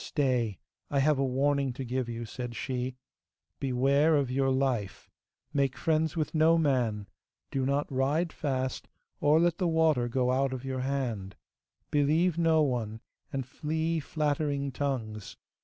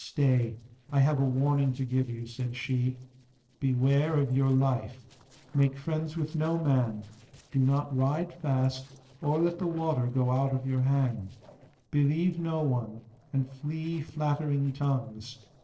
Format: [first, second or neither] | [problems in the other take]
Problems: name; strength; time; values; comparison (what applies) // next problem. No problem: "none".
first | noise reduction (neural separator model SepFormer DNS4)